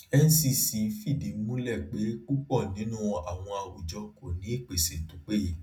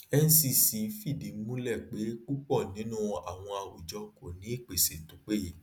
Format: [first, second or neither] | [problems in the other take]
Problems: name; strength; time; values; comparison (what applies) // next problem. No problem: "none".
second | room echo; dies away in 0.4 s